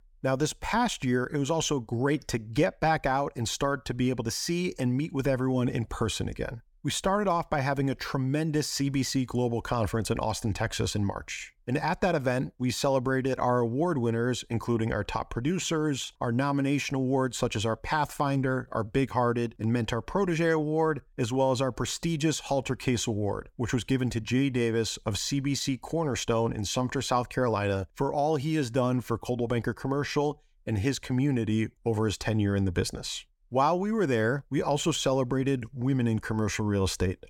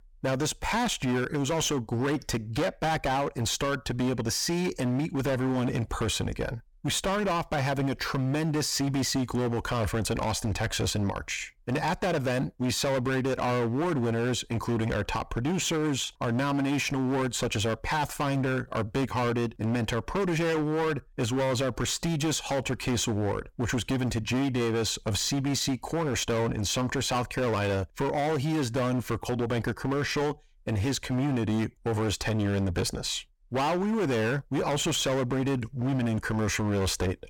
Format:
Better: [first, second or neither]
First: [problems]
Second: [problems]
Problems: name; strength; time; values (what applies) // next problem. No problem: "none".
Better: first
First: none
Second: distortion; heavy; 24% of the sound clipped